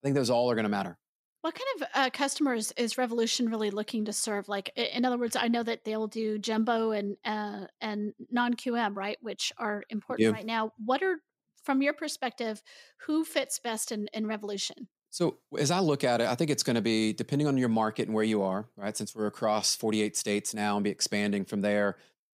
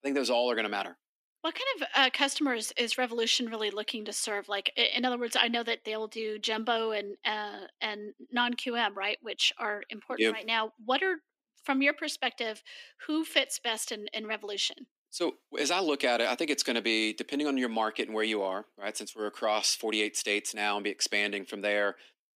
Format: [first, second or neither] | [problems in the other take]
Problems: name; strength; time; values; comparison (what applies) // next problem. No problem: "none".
first | thin; very slightly; fading below 250 Hz